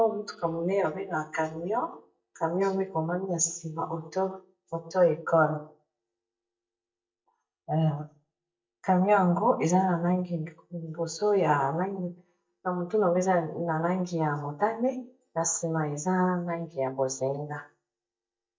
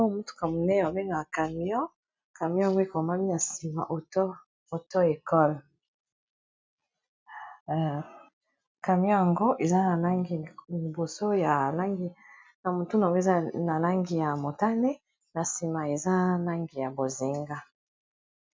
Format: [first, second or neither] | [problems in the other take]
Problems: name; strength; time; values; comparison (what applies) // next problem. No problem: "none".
second | noise reduction (neural mask model DeepFilterNet 3)